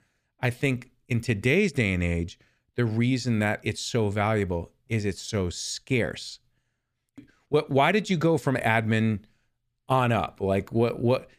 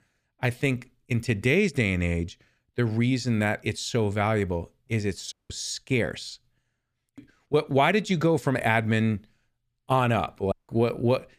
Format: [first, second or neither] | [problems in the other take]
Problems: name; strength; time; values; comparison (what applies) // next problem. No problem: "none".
first | audio cutting out; at 5.5 s and at 11 s